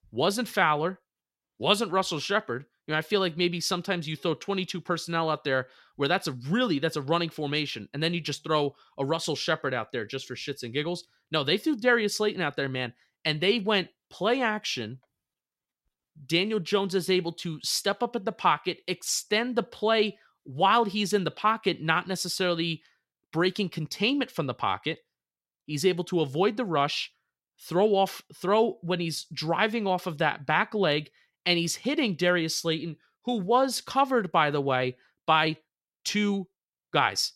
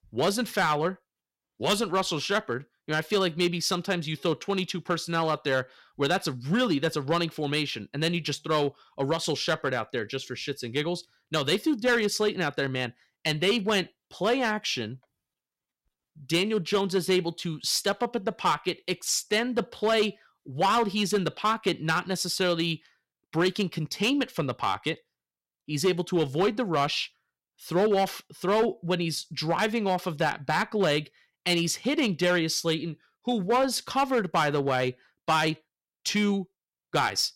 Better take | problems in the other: first | distortion; slight; 4% of the sound clipped

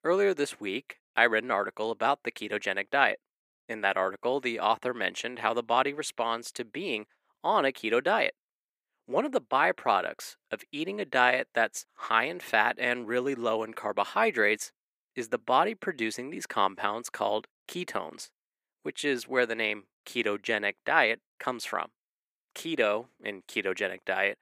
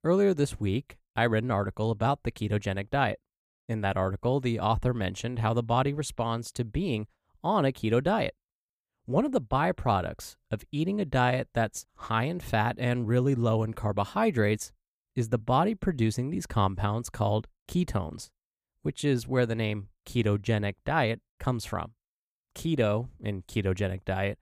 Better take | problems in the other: second | thin; somewhat; fading below 300 Hz

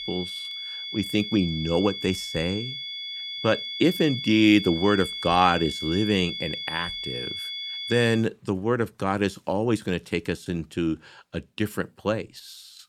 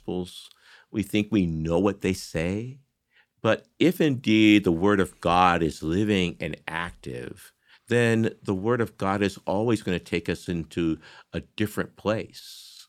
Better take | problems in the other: second | high-pitched whine; loud; until 8 s; 3.5 kHz, 6 dB below the speech

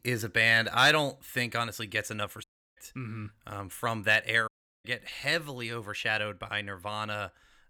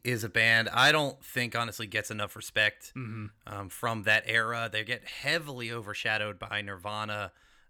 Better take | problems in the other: second | audio cutting out; at 2.5 s and at 4.5 s

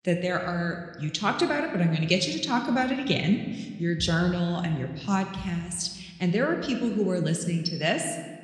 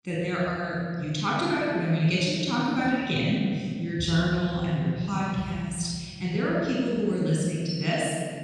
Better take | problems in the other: first | room echo; strong; dies away in 2.5 s; slight in the first // off-mic speech; far

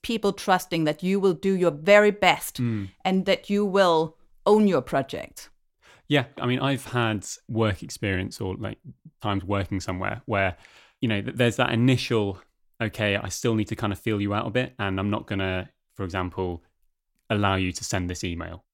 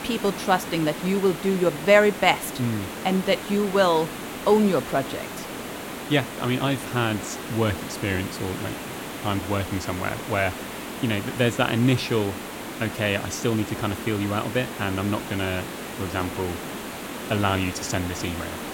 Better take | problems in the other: first | hiss; loud; throughout; 9 dB below the speech

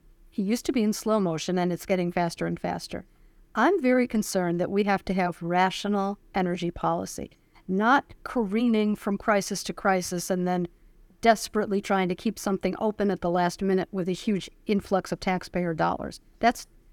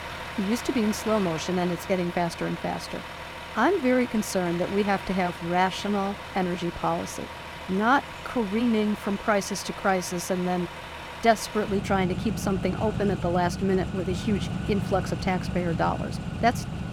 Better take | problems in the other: first | traffic noise; loud; throughout; 8 dB below the speech

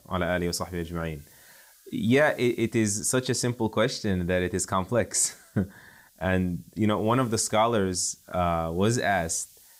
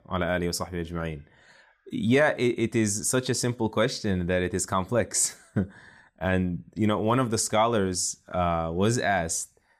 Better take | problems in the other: second | hiss; faint; throughout; 30 dB below the speech

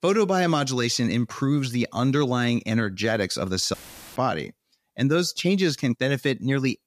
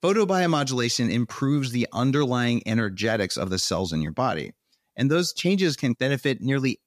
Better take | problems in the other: second | audio cutting out; filled with static; at 3.5 s

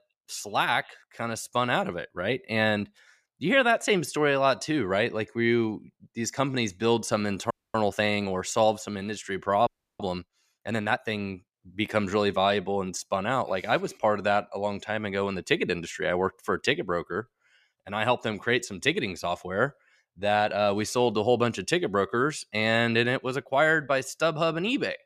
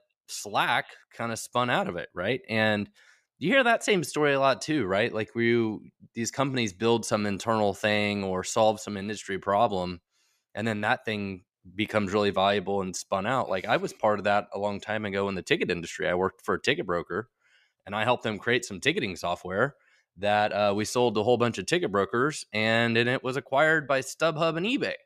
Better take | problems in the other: second | audio freezing; at 7.5 s and at 9.5 s

